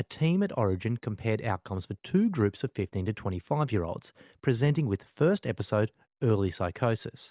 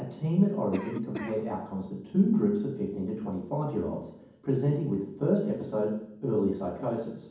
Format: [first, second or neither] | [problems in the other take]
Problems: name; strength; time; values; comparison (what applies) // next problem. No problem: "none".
first | background sound (Cough); 13 dB below the speech // room echo; dies away in 1.2 s